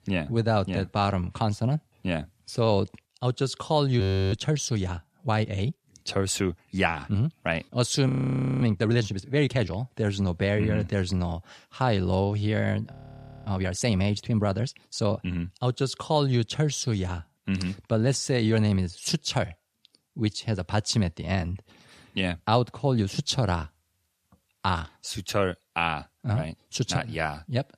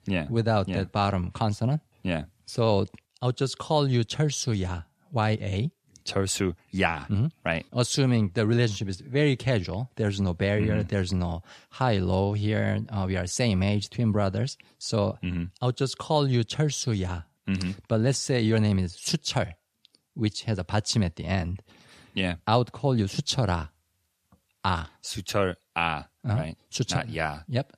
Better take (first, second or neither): second